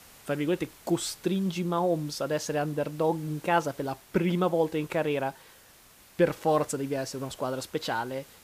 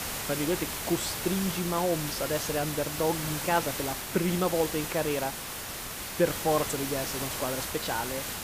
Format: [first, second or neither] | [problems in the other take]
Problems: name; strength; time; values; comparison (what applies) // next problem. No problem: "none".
first | hiss; loud; throughout; 2 dB below the speech; faint in the first